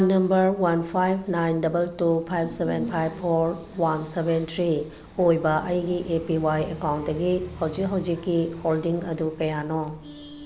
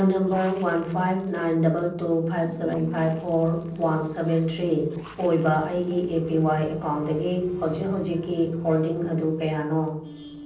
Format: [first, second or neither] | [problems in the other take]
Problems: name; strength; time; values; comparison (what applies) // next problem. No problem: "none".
first | noise reduction (neural separator model SepFormer DNS4)